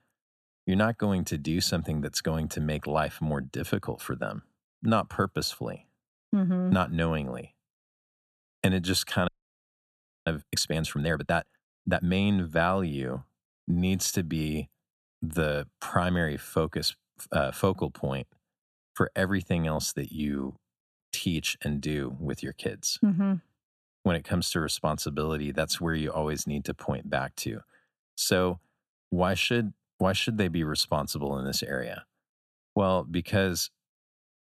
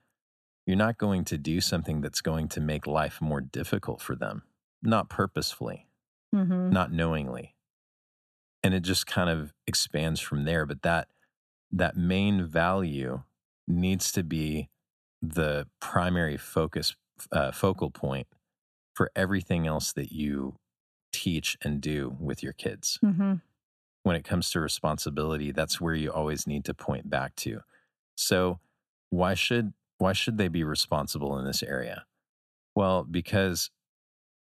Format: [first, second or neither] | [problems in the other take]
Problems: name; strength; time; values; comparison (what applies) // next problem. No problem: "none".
second | audio freezing; at 9.5 s for 1 s